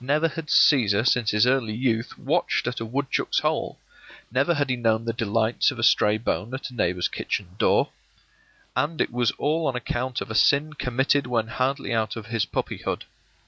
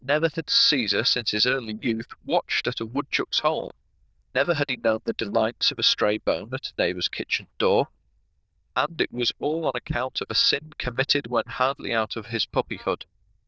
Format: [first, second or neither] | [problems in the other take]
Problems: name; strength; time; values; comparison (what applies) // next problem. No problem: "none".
first | noise reduction (neural diffusion model UNIVERSE++)